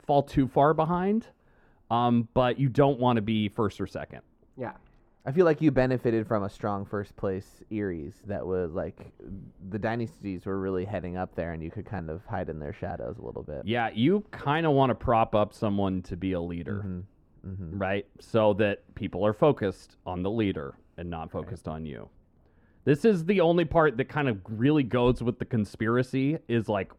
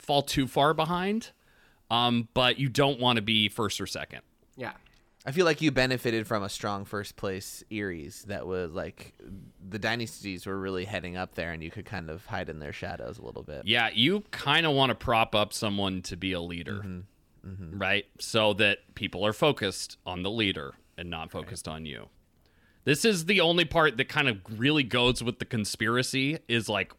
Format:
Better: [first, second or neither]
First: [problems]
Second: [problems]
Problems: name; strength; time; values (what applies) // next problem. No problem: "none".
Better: second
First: muffled; very; fading above 2 kHz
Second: none